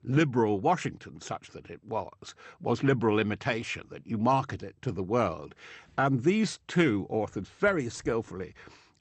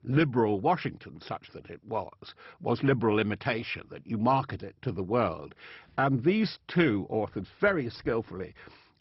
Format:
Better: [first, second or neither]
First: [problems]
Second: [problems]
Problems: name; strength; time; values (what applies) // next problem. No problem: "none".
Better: first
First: garbled, watery; slightly; nothing above 8 kHz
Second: garbled, watery; badly; nothing above 5.5 kHz